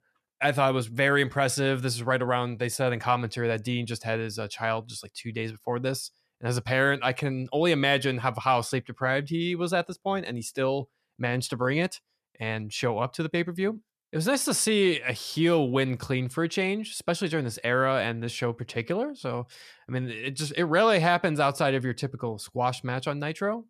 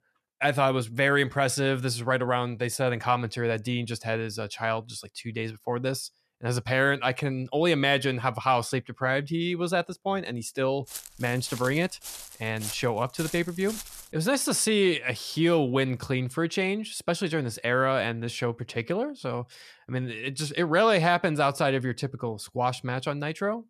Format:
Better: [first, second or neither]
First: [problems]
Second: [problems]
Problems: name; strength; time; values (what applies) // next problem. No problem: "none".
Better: first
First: none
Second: footsteps; noticeable; from 11 to 14 s; peak 9 dB below the speech